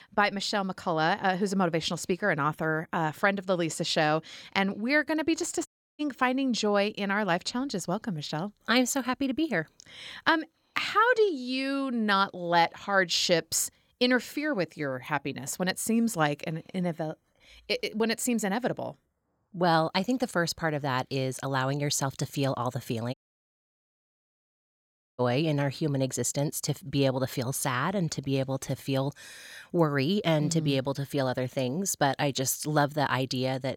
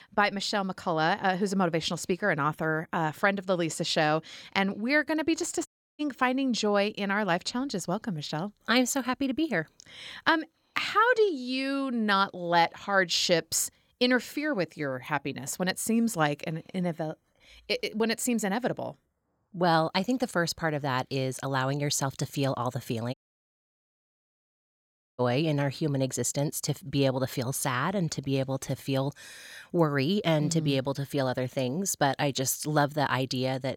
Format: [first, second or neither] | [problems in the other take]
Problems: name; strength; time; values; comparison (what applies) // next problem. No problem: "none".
neither | audio cutting out; at 5.5 s and at 23 s for 2 s; the same in both